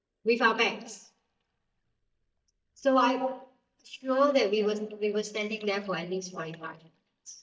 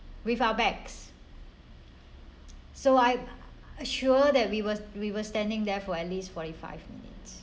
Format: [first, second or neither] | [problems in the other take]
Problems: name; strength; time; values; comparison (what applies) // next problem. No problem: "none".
second | noise reduction (neural mask model DeepFilterNet 3)